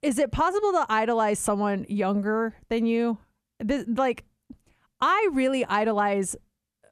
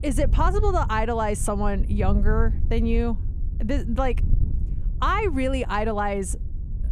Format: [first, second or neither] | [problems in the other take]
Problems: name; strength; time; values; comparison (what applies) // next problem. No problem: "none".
first | wind noise on the microphone; occasional gusts; 20 dB below the speech